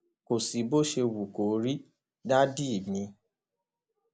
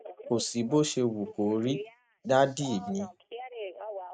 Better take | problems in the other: first | noise reduction (neural mask model RNNoise)

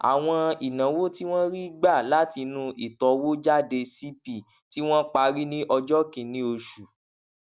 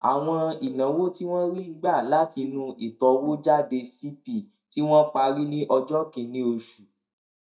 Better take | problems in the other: first | noise reduction (neural mask model DeepFilterNet 3)

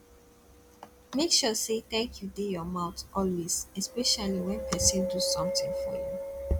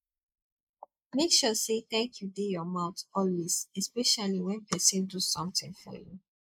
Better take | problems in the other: first | noise reduction (neural mask model Resemble Enhance denoiser)

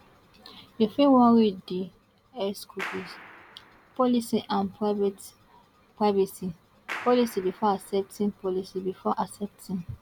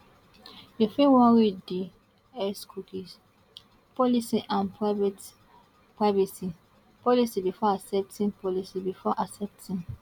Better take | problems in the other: second | background sound (Clapping); 20 dB below the speech

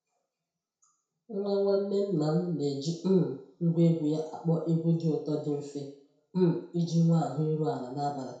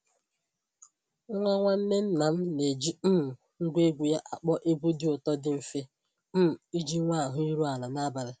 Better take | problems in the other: second | room echo; dies away in 0.6 s

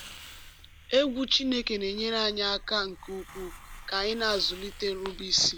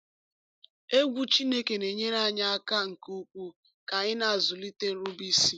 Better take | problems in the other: second | background sound (Hiss); 16 dB below the speech

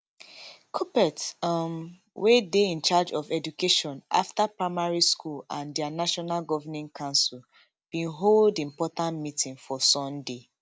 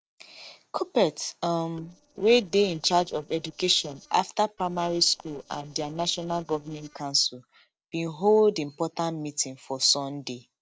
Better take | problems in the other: first | noise reduction (neural separator model SepFormer DNS4)

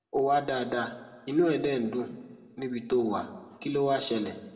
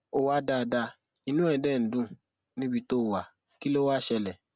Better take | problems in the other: second | room echo; dies away in 1.1 s

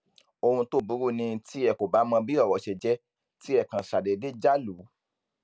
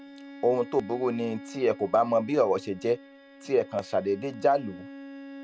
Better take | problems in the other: first | background sound (Bowed string instrument); 17 dB below the speech

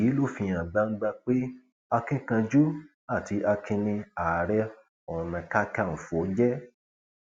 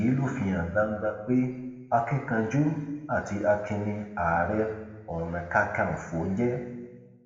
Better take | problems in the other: first | room echo; dies away in 1.2 s

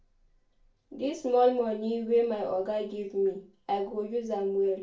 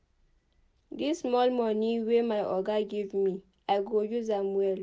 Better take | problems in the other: second | room echo; dies away in 0.3 s

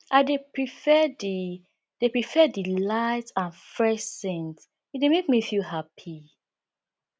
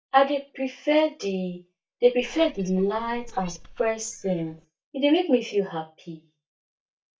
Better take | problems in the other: first | noise reduction (neural mask model DeepFilterNet 3)

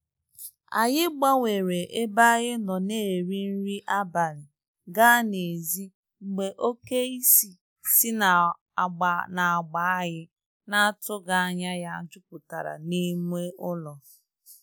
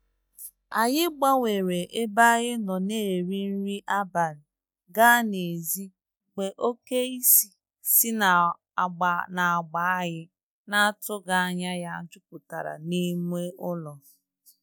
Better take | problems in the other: first | noise reduction (neural mask model DeepFilterNet 3)

